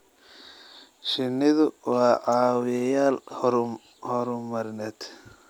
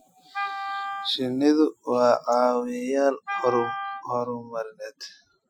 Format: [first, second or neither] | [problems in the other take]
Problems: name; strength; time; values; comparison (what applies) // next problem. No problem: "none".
first | noise reduction (classical method Wiener filter)